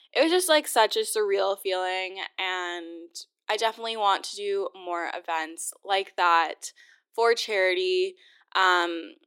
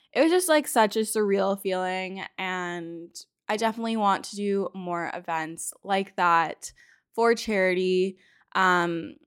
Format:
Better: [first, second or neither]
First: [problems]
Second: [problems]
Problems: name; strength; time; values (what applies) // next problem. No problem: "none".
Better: second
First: thin; very; fading below 350 Hz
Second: none